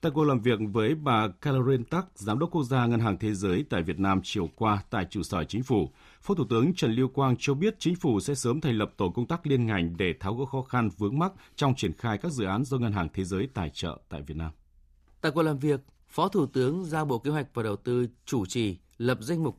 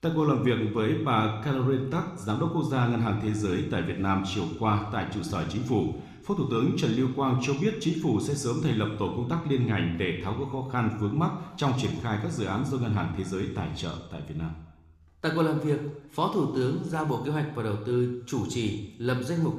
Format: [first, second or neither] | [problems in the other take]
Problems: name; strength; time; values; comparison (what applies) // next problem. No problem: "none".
first | room echo; slight; dies away in 0.8 s